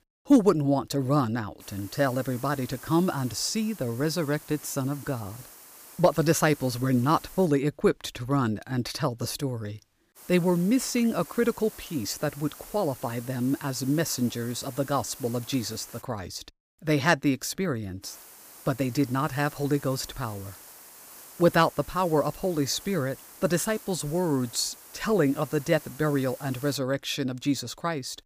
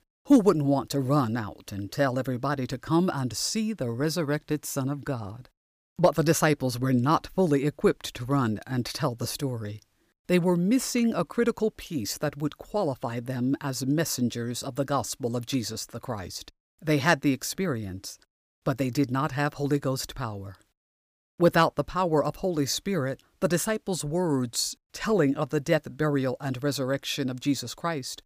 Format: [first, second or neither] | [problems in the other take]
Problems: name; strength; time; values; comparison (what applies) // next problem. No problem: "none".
second | hiss; noticeable; from 1.5 to 7.5 s, from 10 to 16 s and from 18 to 27 s; 20 dB below the speech